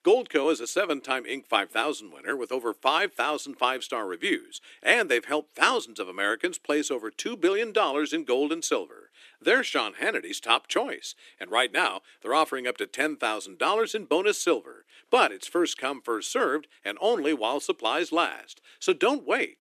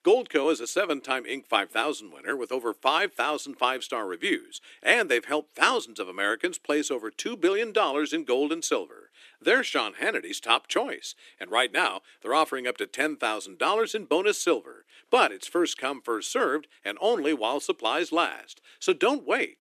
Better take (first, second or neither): neither